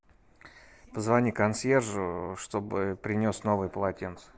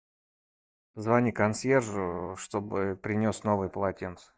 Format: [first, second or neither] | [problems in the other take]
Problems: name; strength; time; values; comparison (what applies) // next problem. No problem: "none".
first | noise reduction (neural mask model DeepFilterNet 3)